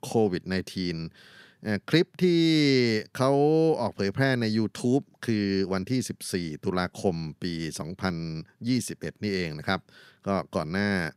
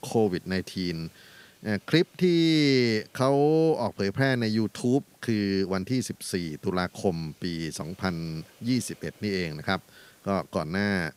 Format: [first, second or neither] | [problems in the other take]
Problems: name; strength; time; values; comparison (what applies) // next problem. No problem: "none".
first | hiss; faint; throughout; 30 dB below the speech